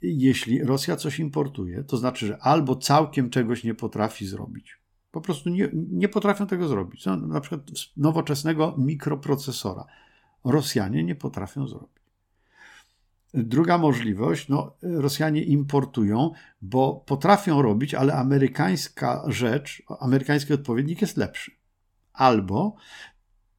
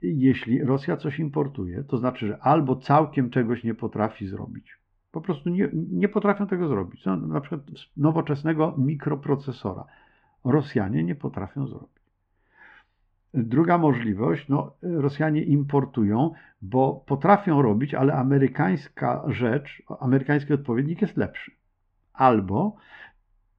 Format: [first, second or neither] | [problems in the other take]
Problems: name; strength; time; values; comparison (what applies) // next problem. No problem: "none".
first | muffled; very; fading above 2.5 kHz